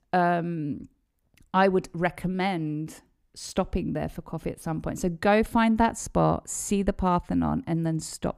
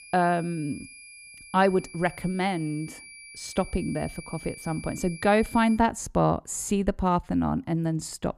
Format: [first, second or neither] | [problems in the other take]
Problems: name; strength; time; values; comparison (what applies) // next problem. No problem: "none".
first | high-pitched whine; noticeable; until 6 s; 2.5 kHz, 15 dB below the speech